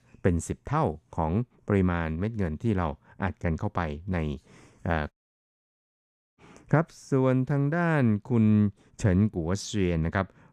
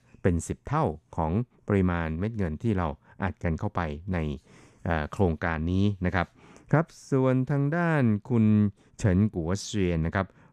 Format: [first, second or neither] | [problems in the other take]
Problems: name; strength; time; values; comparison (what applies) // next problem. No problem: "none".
second | audio cutting out; at 5 s for 1.5 s